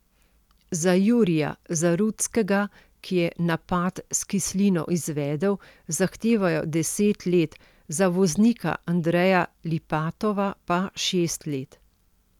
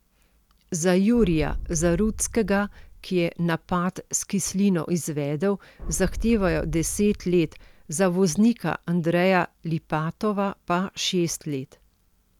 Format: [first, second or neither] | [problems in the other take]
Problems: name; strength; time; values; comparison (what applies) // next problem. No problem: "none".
first | background sound (Boom); 10 dB below the speech